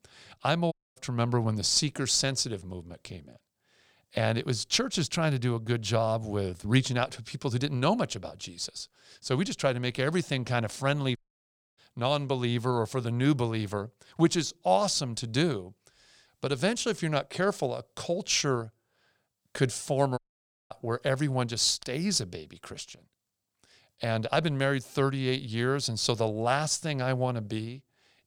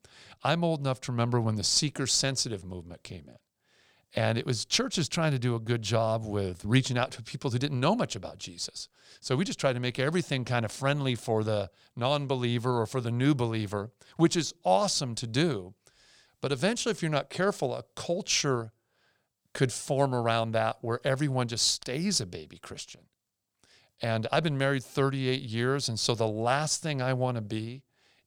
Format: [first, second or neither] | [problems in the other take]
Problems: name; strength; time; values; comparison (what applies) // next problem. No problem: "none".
second | audio cutting out; at 0.5 s, at 11 s for 0.5 s and at 20 s for 0.5 s